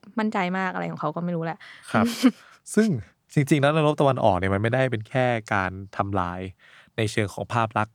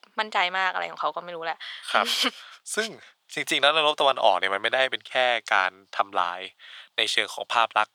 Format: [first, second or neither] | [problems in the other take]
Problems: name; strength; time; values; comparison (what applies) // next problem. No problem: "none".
first | thin; very; fading below 800 Hz